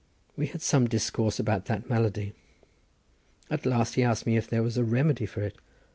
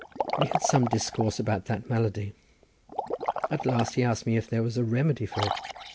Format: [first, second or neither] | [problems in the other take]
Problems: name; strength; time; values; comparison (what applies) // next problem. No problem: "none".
first | background sound (Liquid); 6 dB below the speech